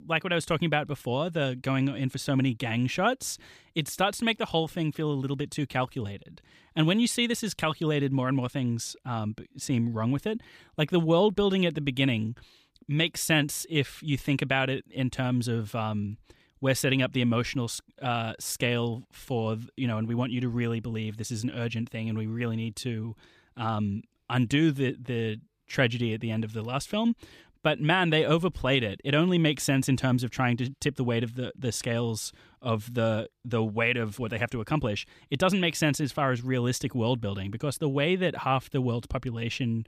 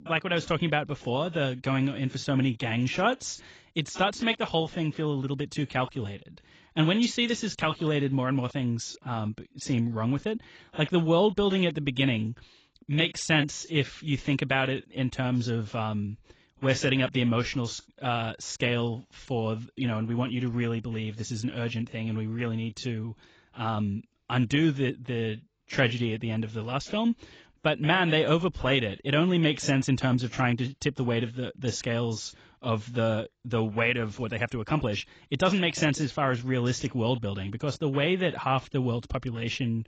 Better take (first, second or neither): first